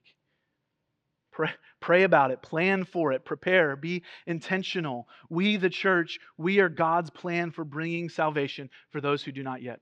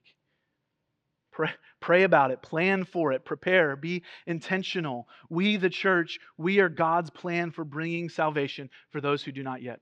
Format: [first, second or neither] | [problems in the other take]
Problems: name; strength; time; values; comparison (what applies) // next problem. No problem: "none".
neither | muffled; slightly; fading above 4 kHz; the same in both